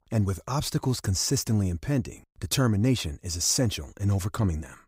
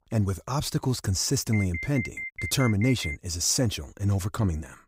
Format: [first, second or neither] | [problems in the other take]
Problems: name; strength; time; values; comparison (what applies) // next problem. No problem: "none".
first | alarm; noticeable; from 1.5 to 3 s; peak 7 dB below the speech